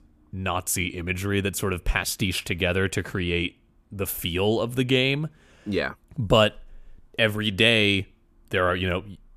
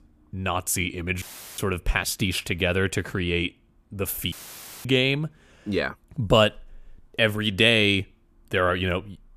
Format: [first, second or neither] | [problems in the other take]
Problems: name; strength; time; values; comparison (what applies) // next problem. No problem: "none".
first | audio cutting out; filled with static; at 1 s and at 4.5 s for 0.5 s